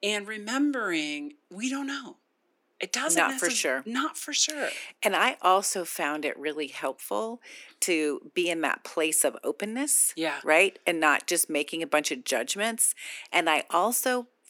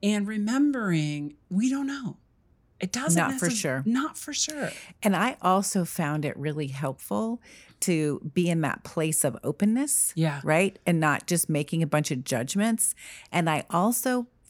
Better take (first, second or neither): second